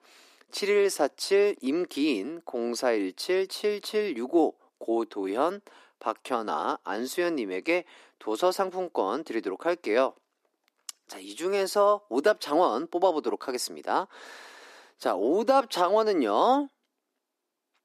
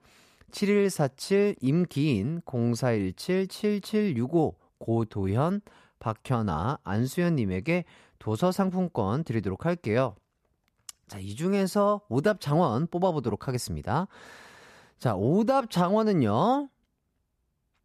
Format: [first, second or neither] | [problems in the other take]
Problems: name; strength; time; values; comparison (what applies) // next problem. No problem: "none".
second | thin; somewhat; fading below 300 Hz